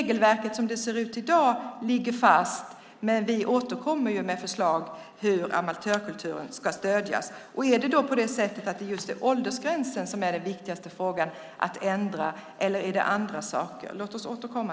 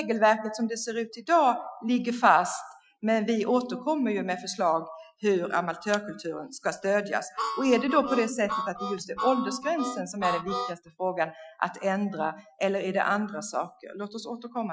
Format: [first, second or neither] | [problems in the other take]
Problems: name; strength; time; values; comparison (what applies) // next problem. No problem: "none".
first | noise reduction (classical method Wiener filter)